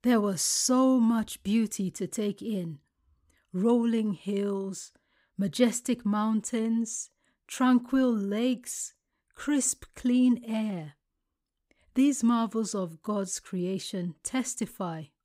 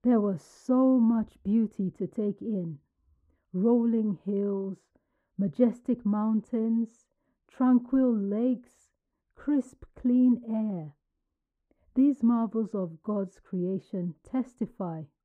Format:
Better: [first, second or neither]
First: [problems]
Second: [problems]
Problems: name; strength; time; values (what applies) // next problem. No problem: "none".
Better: first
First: none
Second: muffled; very; fading above 2 kHz